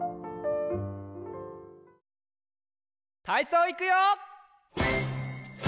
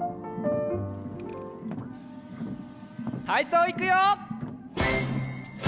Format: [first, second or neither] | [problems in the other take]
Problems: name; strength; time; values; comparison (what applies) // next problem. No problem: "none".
first | background sound (Car); 9 dB below the speech